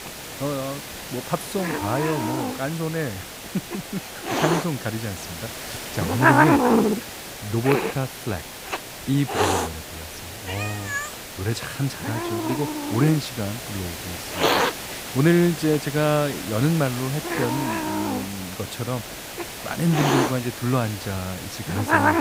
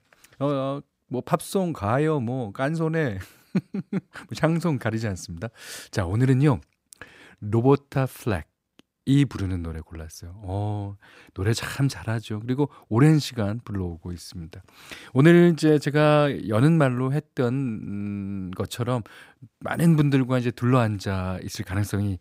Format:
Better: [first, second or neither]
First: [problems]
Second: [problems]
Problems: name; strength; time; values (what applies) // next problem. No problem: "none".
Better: second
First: hiss; loud; throughout; as loud as the speech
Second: none